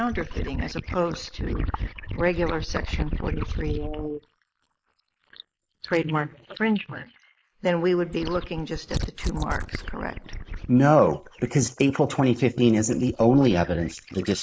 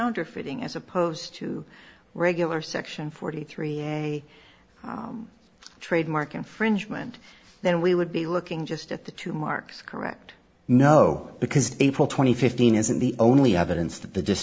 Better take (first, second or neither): second